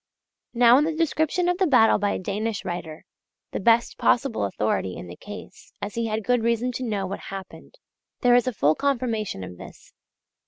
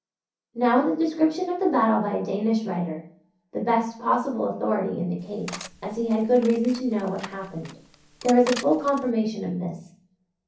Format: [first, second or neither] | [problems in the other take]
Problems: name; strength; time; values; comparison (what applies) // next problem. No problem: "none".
first | background sound (Cutlery, silverware); 16 dB below the speech // room echo; dies away in 0.6 s